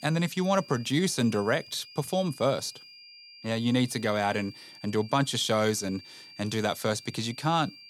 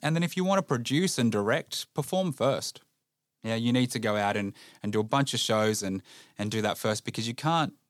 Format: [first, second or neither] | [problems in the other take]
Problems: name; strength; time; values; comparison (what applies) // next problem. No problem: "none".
second | high-pitched whine; noticeable; throughout; 4.5 kHz, 20 dB below the speech